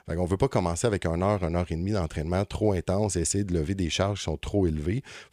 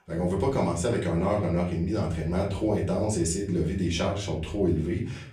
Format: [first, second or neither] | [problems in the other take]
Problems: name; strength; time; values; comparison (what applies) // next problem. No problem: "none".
first | off-mic speech; far // room echo; slight; dies away in 0.4 s